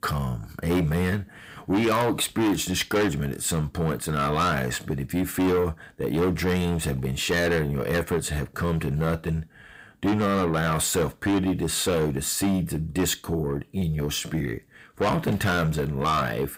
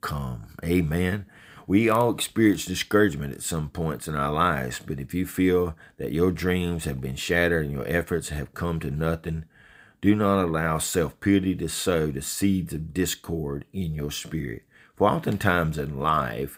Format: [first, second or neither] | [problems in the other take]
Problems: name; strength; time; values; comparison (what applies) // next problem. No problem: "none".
second | distortion; heavy; 6 dB below the speech